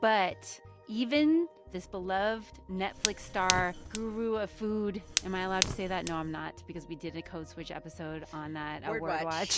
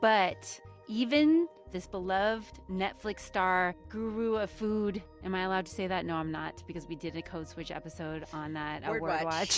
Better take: second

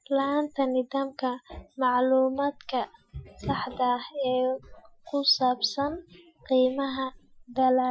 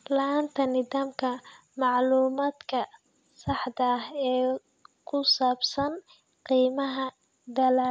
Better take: second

